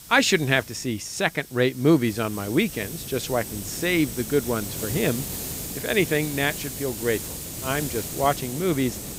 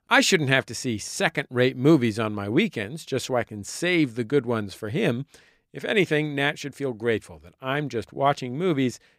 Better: second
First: hiss; loud; throughout; 8 dB below the speech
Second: none

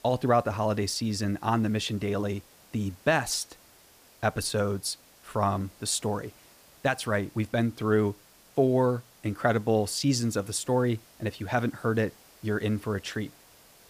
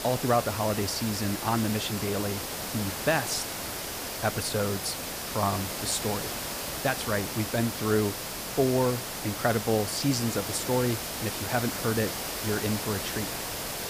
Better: first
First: hiss; faint; throughout; 25 dB below the speech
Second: hiss; loud; throughout; 3 dB below the speech

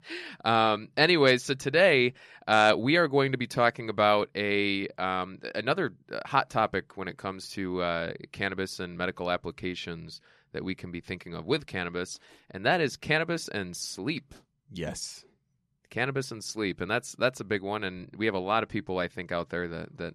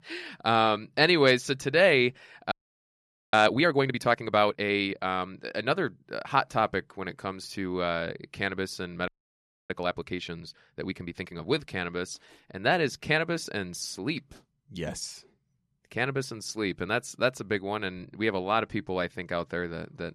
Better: first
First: none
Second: audio freezing; at 2.5 s for 1 s and at 9 s for 0.5 s

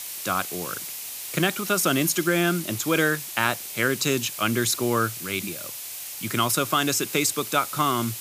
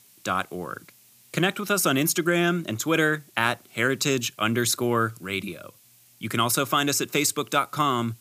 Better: second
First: hiss; loud; throughout; 8 dB below the speech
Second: hiss; faint; throughout; 30 dB below the speech

